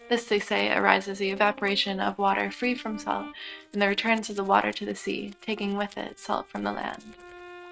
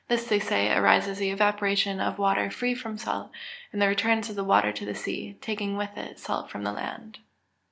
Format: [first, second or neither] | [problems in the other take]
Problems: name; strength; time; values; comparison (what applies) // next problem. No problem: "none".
second | noise reduction (neural mask model RNNoise)